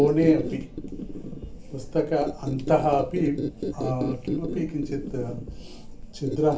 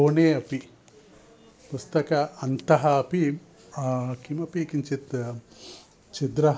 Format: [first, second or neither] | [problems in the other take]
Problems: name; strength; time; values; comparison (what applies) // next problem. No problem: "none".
second | background sound (Squeak); 6 dB below the speech // room echo; dies away in 0.3 s